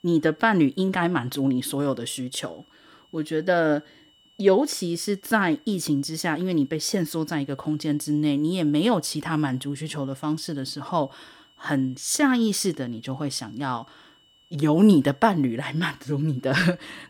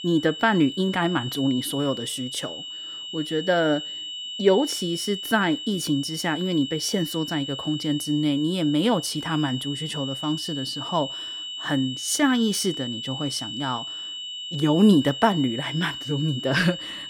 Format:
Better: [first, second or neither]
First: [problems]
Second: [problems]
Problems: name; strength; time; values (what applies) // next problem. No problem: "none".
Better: first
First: high-pitched whine; faint; throughout; 3 kHz, 35 dB below the speech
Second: high-pitched whine; loud; throughout; 3 kHz, 7 dB below the speech